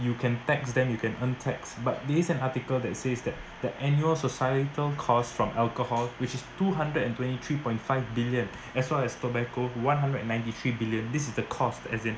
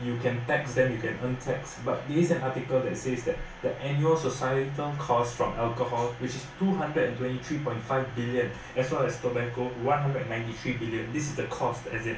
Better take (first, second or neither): first